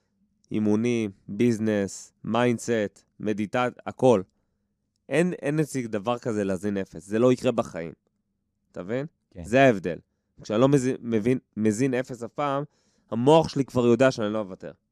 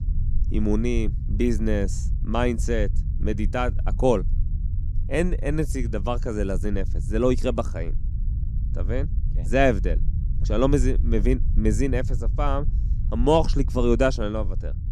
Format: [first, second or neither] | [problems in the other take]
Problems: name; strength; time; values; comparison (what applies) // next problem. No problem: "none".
first | low rumble; noticeable; throughout; 20 dB below the speech